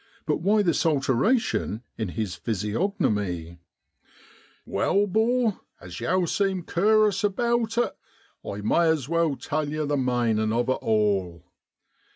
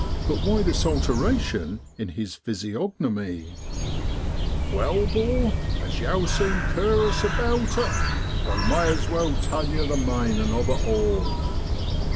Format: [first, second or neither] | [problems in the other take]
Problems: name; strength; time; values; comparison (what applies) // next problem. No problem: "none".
first | background sound (Bird); 2 dB above the speech